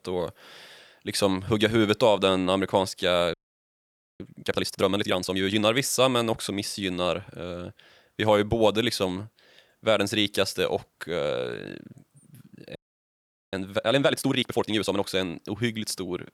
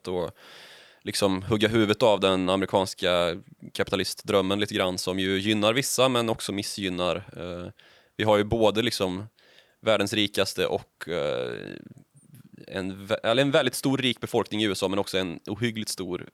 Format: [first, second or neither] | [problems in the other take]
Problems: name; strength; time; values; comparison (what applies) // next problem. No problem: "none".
second | audio freezing; at 3.5 s for 1 s and at 13 s for 1 s